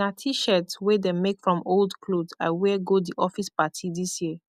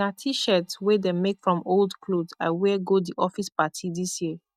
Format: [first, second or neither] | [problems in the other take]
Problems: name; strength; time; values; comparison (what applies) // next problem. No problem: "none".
first | noise reduction (neural mask model DeepFilterNet 3)